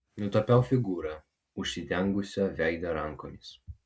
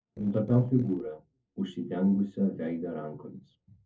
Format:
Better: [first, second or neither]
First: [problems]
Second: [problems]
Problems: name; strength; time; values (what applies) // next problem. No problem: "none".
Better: first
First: none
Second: noise reduction (neural separator model SepFormer DNS4)